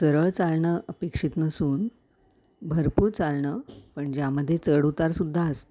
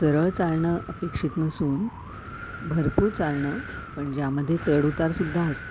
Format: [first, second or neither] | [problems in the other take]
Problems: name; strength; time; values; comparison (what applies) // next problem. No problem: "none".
first | background sound (Wind); 12 dB below the speech